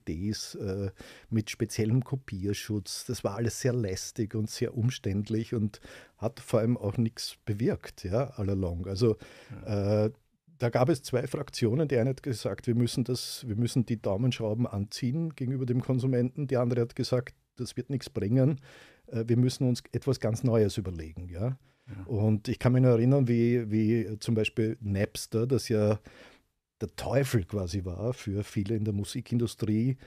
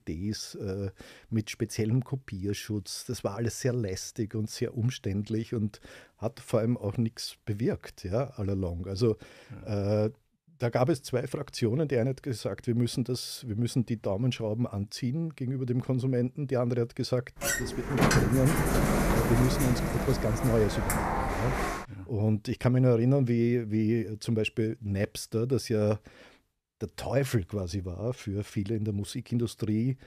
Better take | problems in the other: first | door banging; loud; from 17 to 22 s; peak 6 dB above the speech

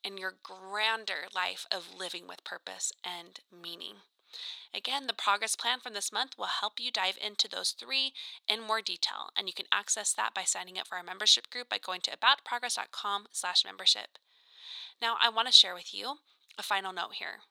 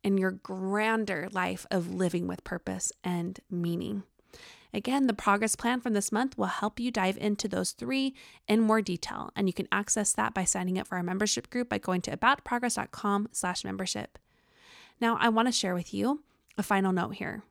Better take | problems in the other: second | thin; very; fading below 850 Hz

